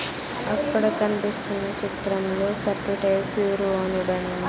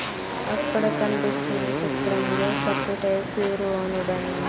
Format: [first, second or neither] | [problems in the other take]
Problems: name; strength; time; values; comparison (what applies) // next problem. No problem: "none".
first | background sound (Motorcycle); 3 dB below the speech